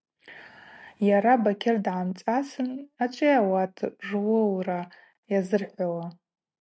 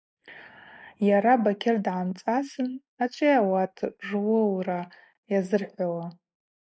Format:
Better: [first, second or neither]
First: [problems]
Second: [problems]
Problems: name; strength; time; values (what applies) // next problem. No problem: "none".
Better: first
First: none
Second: noise reduction (neural mask model Resemble Enhance denoiser)